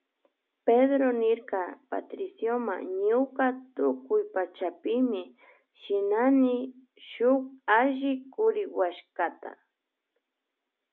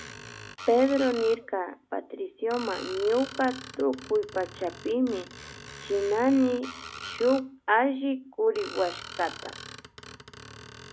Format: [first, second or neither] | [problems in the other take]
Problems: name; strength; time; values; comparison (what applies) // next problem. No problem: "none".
first | background sound (Screech); 15 dB below the speech